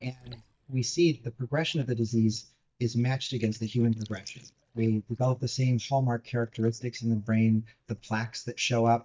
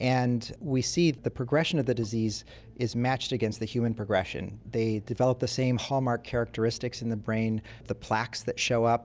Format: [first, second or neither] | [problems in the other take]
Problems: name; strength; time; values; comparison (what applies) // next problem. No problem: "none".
second | noise reduction (neural mask model DeepFilterNet 3)